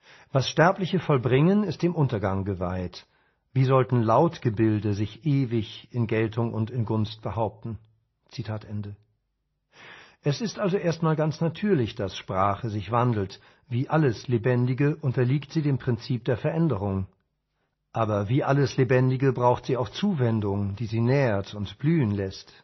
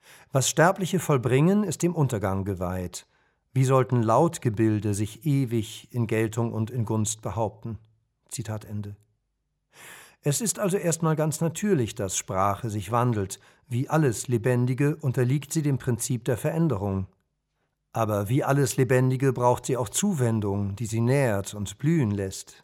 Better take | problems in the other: second | garbled, watery; slightly; nothing above 6 kHz

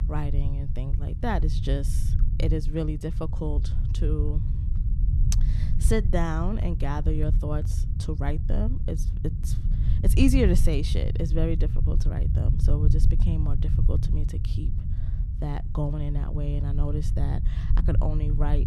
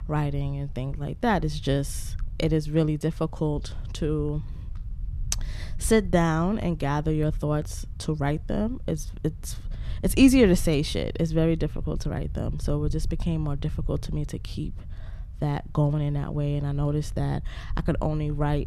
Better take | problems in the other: second | low rumble; loud; throughout; 9 dB below the speech; faint in the second

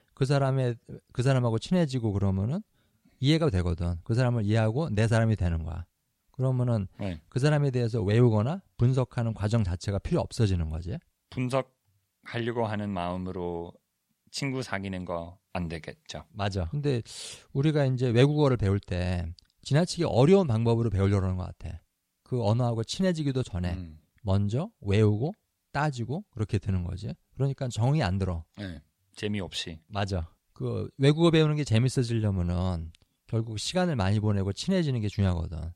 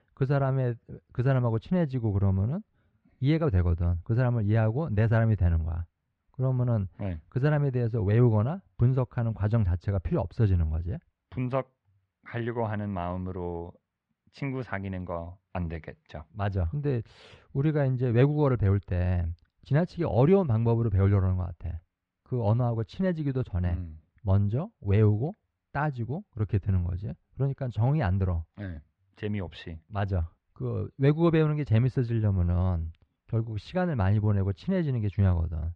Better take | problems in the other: first | muffled; very; fading above 2 kHz

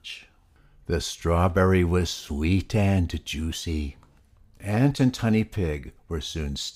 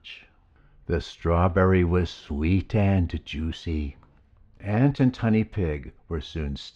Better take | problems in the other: first | muffled; slightly; fading above 2.5 kHz

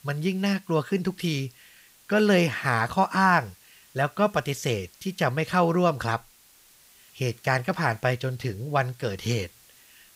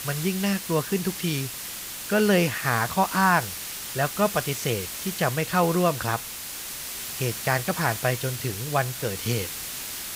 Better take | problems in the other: first | hiss; loud; throughout; 6 dB below the speech; faint in the first

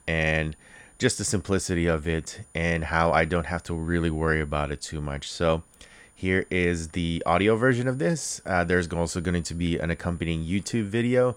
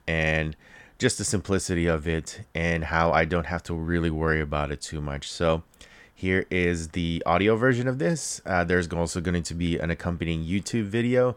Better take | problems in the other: second | high-pitched whine; faint; throughout; 9.5 kHz, 30 dB below the speech

